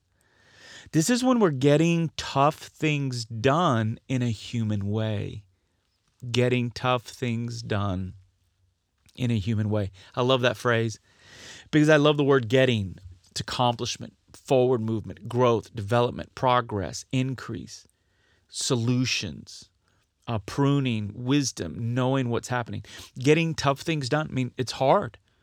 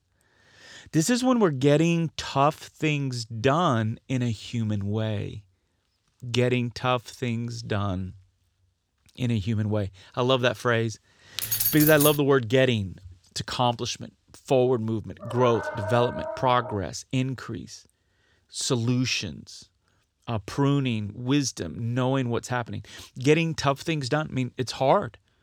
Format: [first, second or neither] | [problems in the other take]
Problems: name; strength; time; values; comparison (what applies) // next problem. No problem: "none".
first | jangling keys; loud; at 11 s; peak 3 dB above the speech // dog barking; noticeable; from 15 to 17 s; peak 7 dB below the speech